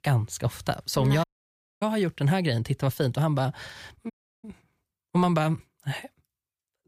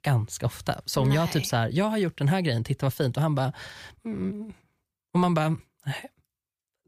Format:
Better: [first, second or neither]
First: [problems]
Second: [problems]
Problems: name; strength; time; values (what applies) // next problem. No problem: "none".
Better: second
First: audio cutting out; at 1 s for 0.5 s and at 4 s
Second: none